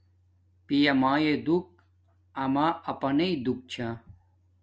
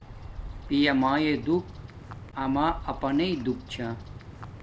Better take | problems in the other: first | background sound (Bird vocalization, bird call, bird song); 13 dB below the speech

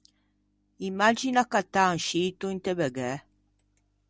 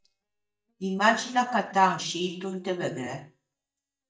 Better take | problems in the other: first | noise reduction (neural mask model DeepFilterNet 3)

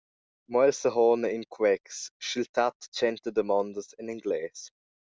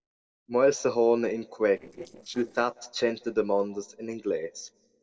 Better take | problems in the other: first | noise reduction (neural separator model SepFormer DNS4)

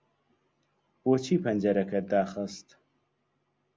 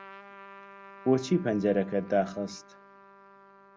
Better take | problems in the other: first | background sound (Trumpet); 20 dB below the speech

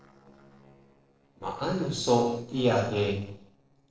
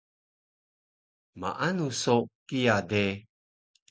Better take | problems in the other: second | noise reduction (neural separator model SepFormer DNS4)

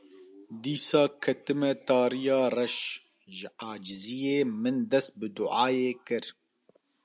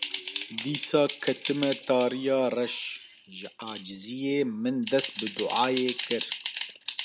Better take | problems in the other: first | background sound (Typing); 9 dB below the speech

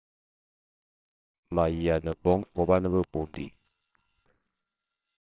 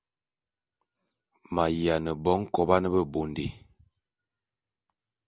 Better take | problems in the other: second | noise reduction (neural separator model SepFormer WHAMR!)

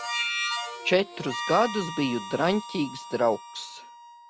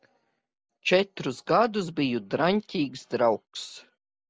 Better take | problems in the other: second | background sound (Harmonica); 7 dB below the speech

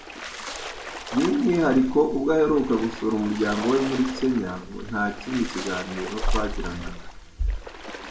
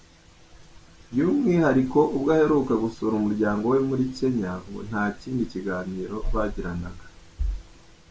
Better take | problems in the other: second | background sound (Splash, splatter); 13 dB below the speech // room echo; dies away in 0.5 s

